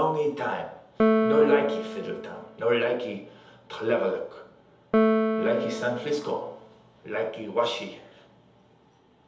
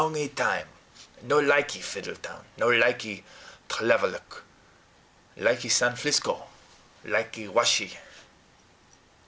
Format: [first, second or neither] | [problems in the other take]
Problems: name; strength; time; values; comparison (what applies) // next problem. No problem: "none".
second | background sound (Piano); 1 dB below the speech // room echo; dies away in 0.8 s